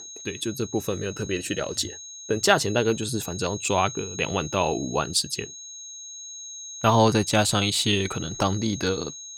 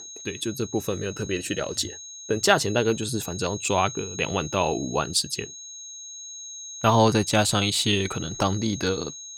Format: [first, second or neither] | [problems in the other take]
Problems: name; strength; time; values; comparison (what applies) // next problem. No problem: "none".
neither | high-pitched whine; noticeable; throughout; 6.5 kHz, 10 dB below the speech; the same in both